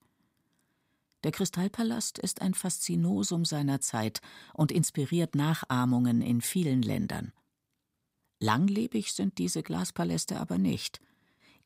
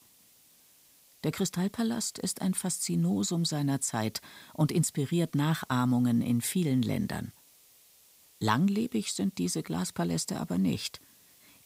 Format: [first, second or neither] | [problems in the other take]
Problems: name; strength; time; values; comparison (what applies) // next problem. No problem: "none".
first | hiss; faint; throughout; 25 dB below the speech